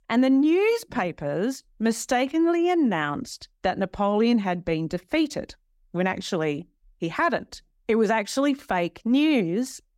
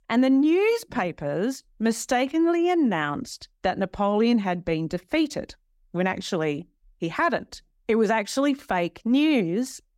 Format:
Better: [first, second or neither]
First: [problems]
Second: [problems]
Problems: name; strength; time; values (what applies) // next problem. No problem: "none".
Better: neither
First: none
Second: none